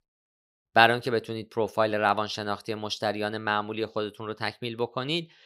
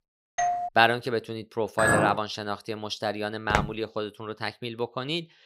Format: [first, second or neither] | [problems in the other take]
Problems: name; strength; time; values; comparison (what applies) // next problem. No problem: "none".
first | doorbell; loud; at 0.5 s; peak 1 dB above the speech // clattering dishes; loud; at 2 s; peak 5 dB above the speech // footsteps; noticeable; at 3.5 s; peak 1 dB below the speech